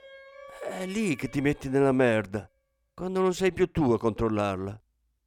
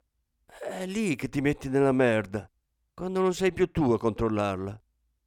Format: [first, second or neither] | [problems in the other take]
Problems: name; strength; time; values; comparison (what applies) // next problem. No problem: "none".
second | background music; faint; until 1.5 s; 20 dB below the speech